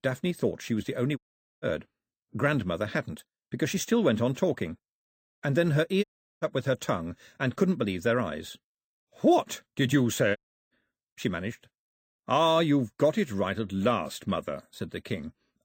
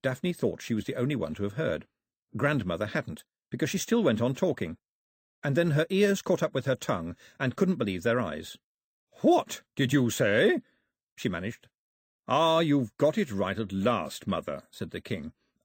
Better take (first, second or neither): second